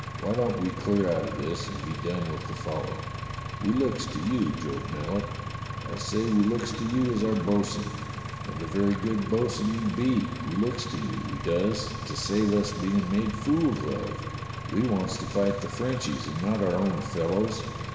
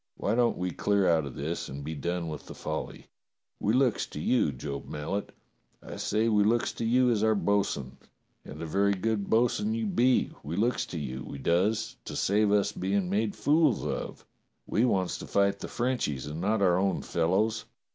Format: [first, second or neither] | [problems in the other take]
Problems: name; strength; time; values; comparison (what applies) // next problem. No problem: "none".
second | background sound (Engine); 7 dB below the speech // room echo; dies away in 2.8 s